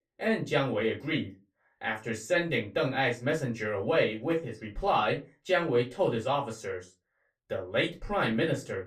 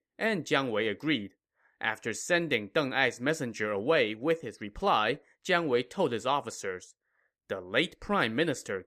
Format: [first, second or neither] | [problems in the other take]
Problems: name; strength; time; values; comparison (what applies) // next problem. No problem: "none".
second | off-mic speech; far // room echo; very slight; dies away in 0.2 s